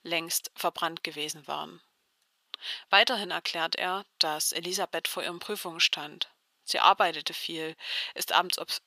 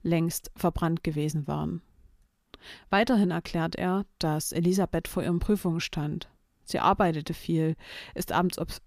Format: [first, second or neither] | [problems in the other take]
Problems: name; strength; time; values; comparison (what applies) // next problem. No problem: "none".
second | thin; very; fading below 750 Hz